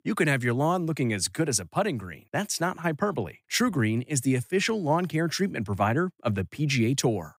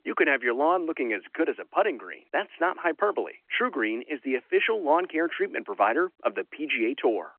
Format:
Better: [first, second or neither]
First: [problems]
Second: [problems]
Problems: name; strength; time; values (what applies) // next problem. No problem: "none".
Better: first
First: none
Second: phone-call audio